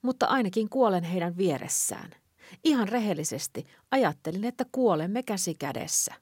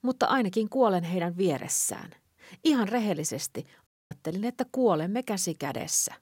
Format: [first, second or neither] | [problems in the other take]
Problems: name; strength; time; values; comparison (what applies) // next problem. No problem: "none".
first | audio cutting out; at 4 s